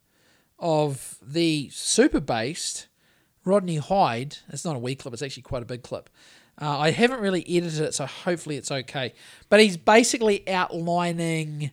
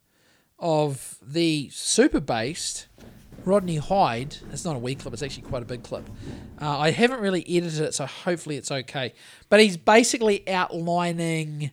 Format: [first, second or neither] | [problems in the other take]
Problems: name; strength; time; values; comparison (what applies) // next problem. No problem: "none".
first | footsteps; faint; from 2.5 to 7 s; peak 15 dB below the speech